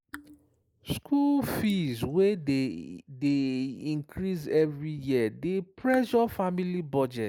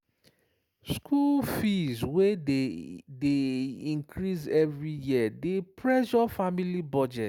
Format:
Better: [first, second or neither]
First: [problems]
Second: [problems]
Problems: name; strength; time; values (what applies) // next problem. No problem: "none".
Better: second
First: noise reduction (neural mask model Resemble Enhance denoiser)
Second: none